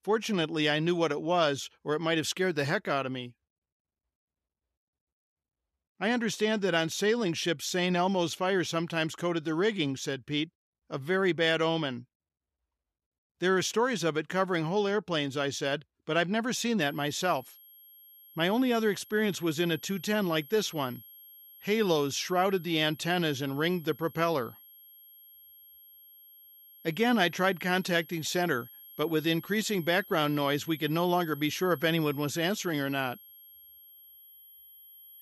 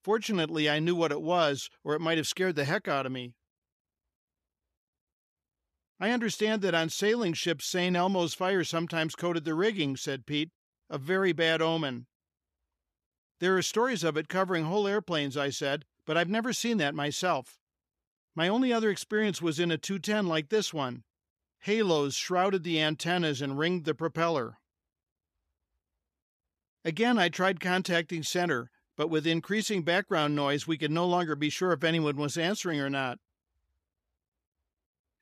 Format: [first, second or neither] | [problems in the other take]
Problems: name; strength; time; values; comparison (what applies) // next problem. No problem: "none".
second | high-pitched whine; faint; from 17 s on; 11.5 kHz, 20 dB below the speech